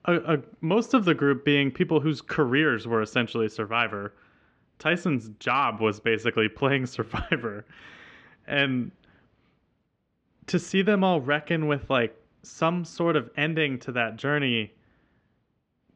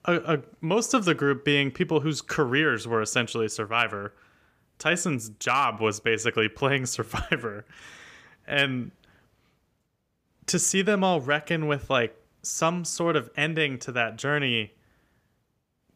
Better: second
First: muffled; slightly; fading above 3.5 kHz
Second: none

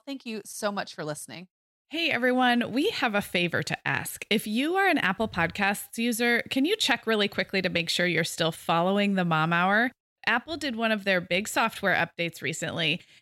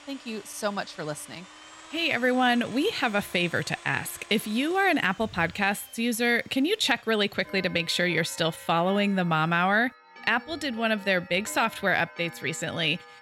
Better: first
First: none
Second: household noises; faint; throughout; 20 dB below the speech

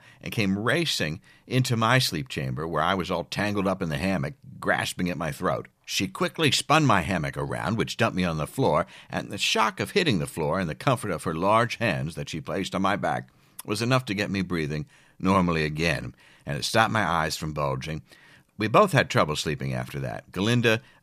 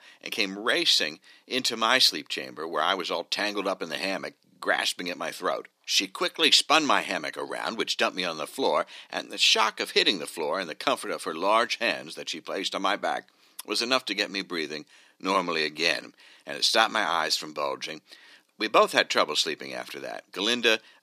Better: first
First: none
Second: thin; somewhat; fading below 250 Hz

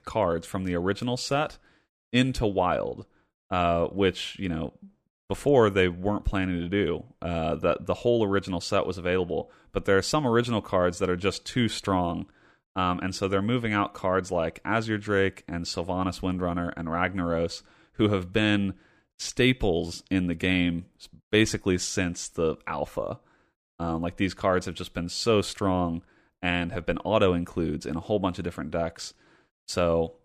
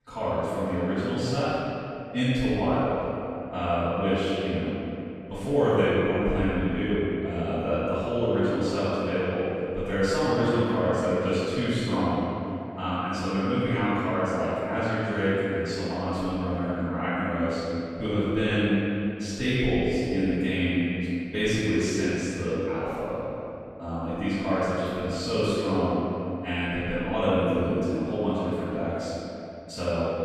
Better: first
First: none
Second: off-mic speech; far // room echo; strong; dies away in 2.7 s

